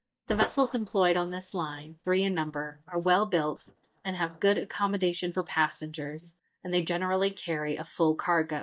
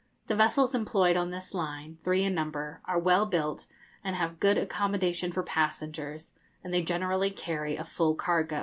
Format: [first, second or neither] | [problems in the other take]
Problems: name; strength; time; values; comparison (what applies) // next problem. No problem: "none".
second | noise reduction (neural mask model DeepFilterNet 3)